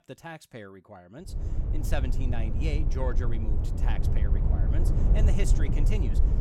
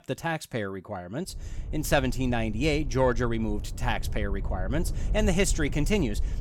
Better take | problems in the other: second | low rumble; loud; from 1.5 s on; 2 dB below the speech; faint in the second

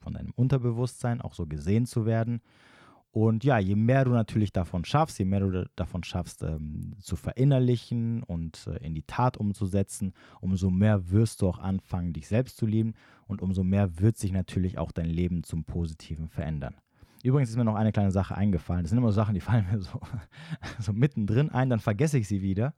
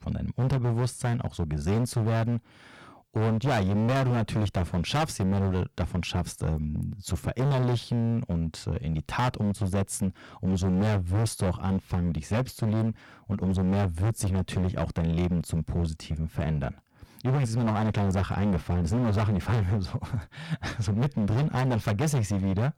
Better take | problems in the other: first | distortion; heavy; 21% of the sound clipped

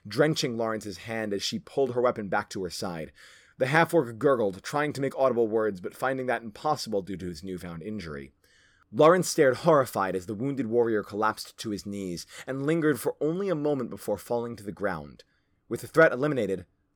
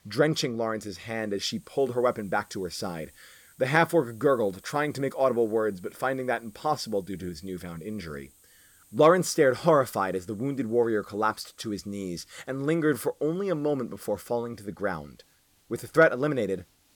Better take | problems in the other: first | hiss; faint; throughout; 30 dB below the speech

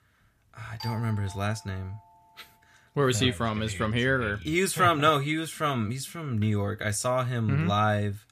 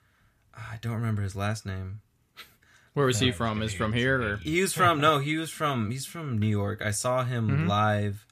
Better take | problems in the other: second | doorbell; faint; from 1 to 2 s; peak 15 dB below the speech

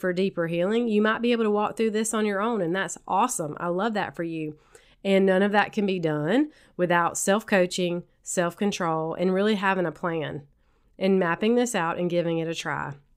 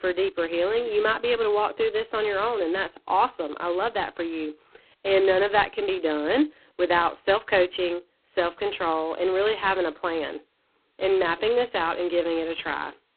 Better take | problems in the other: first | phone-call audio; poor line; nothing above 4 kHz

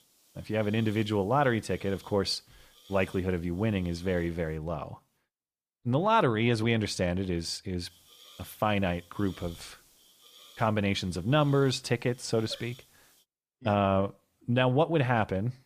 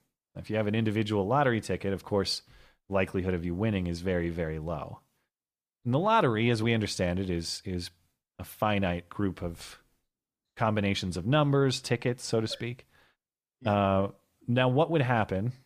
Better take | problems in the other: second | hiss; faint; until 4.5 s and from 8 to 13 s; 25 dB below the speech

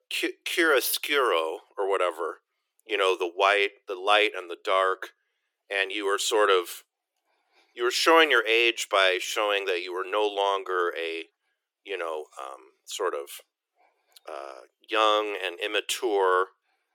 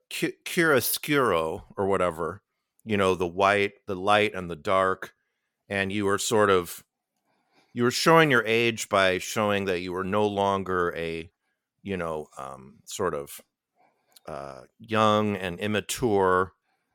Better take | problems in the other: second | thin; very; fading below 350 Hz

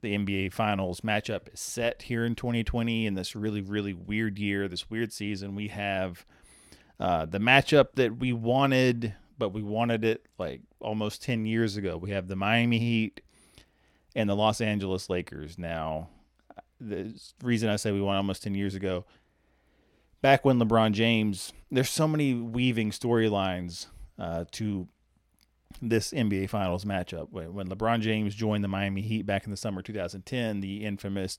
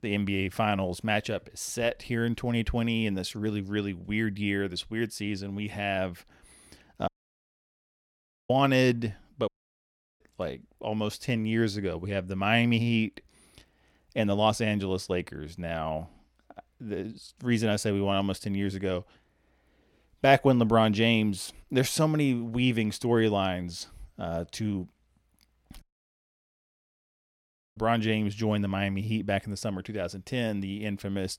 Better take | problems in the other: first | audio cutting out; at 7 s for 1.5 s, at 9.5 s for 0.5 s and at 26 s for 2 s

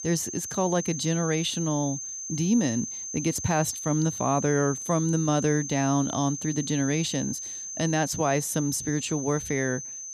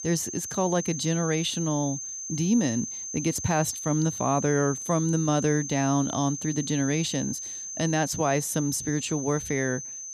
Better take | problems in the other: neither | high-pitched whine; loud; throughout; 6.5 kHz, 6 dB below the speech; the same in both

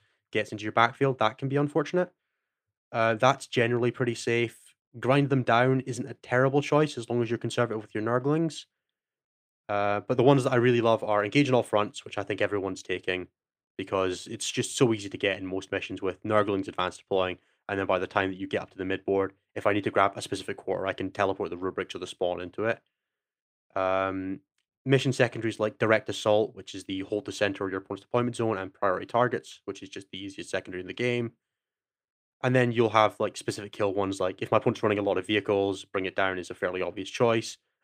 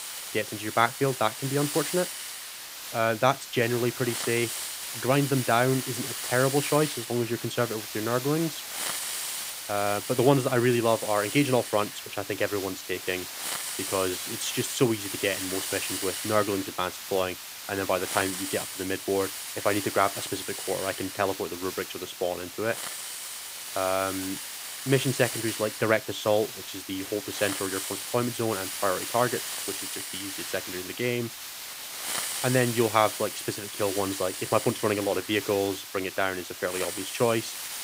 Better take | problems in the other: first | hiss; loud; throughout; 5 dB below the speech

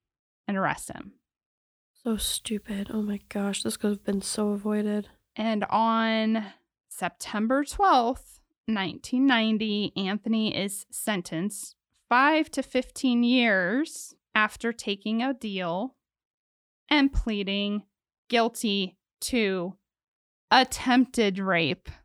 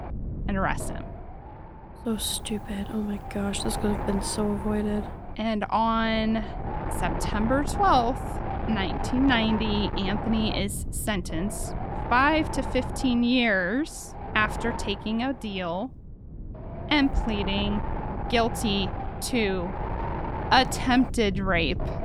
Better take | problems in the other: first | wind noise on the microphone; heavy; 9 dB below the speech

